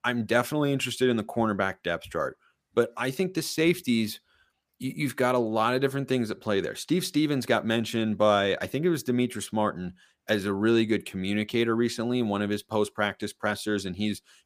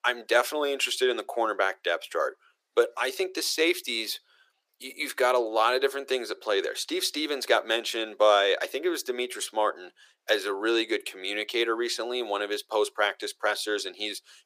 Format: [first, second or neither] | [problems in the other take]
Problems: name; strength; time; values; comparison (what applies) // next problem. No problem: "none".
first | thin; very; fading below 350 Hz